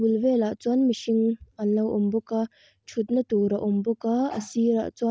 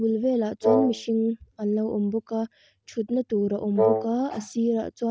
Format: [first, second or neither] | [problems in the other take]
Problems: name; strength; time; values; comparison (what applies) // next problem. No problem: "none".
first | background sound (Wind instrument, woodwind instrument); 2 dB above the speech